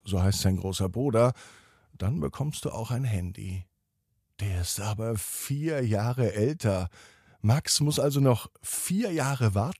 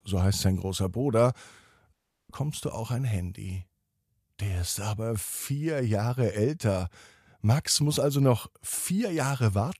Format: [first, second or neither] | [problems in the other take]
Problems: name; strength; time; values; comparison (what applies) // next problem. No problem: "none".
first | audio cutting out; at 2 s